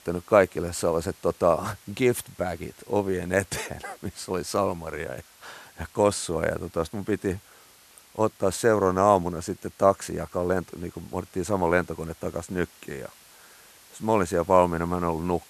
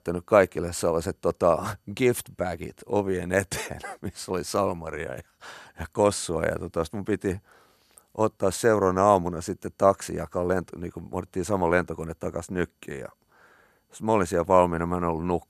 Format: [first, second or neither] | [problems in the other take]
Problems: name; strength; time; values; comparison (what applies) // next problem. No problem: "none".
second | hiss; faint; throughout; 25 dB below the speech